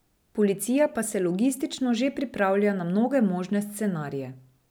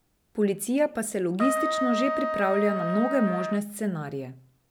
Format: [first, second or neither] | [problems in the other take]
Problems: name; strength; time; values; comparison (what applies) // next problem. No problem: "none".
first | background sound (Trumpet); 3 dB below the speech